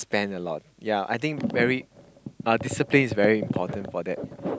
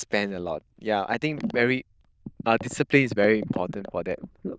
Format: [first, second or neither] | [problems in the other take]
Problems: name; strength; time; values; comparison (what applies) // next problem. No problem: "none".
first | noise reduction (neural diffusion model UNIVERSE++)